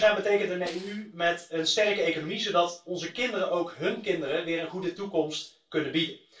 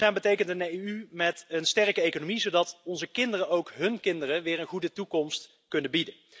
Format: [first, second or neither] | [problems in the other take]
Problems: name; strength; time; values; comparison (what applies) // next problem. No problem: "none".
second | noise reduction (neural separator model SepFormer DNS4)